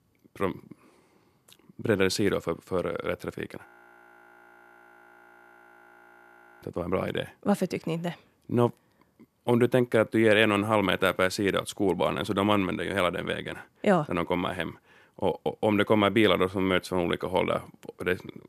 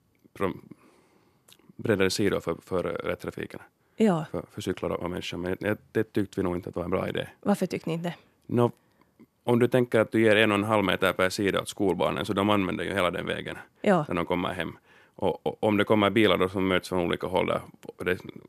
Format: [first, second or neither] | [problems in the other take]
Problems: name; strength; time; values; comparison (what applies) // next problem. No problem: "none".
second | audio freezing; at 3.5 s for 3 s